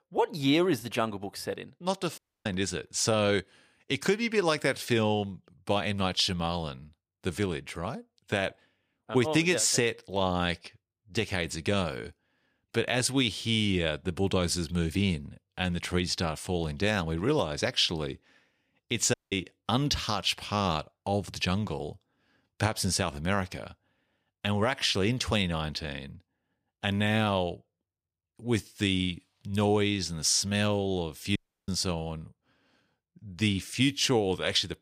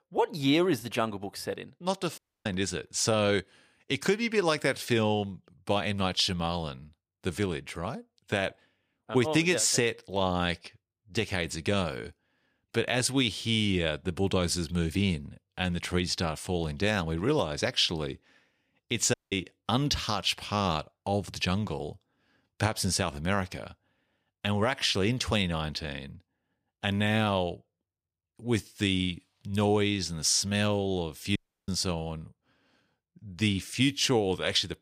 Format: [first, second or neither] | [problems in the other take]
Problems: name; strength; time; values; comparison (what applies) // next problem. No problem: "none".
neither | audio cutting out; at 2 s, at 19 s and at 31 s; the same in both